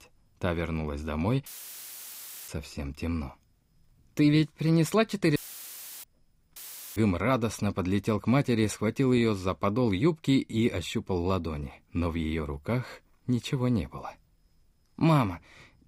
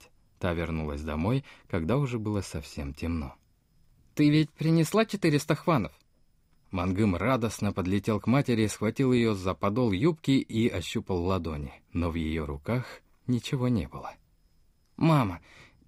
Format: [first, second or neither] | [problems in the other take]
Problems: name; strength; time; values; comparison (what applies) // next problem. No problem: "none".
second | audio cutting out; filled with static; at 1.5 s for 1 s, at 5.5 s for 0.5 s and at 6.5 s